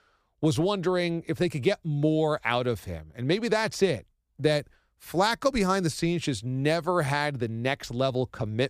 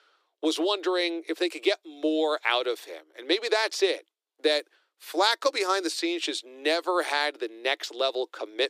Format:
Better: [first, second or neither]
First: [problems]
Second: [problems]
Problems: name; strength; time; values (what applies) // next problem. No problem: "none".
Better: first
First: none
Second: thin; very; fading below 300 Hz